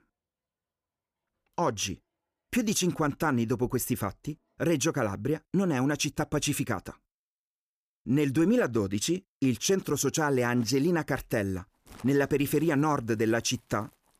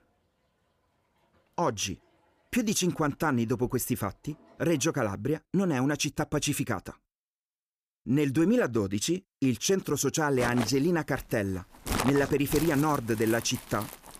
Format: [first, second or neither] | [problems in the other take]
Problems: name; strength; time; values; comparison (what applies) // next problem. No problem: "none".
first | household noises; loud; throughout; 8 dB below the speech; faint in the first